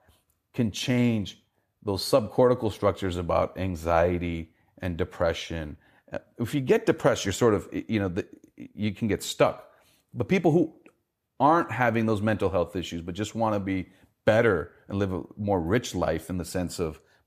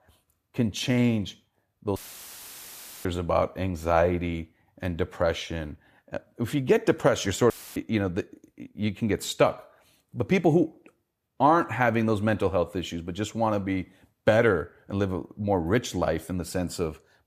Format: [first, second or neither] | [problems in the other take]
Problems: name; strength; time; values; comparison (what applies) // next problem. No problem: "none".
first | audio cutting out; filled with static; at 2 s for 1 s and at 7.5 s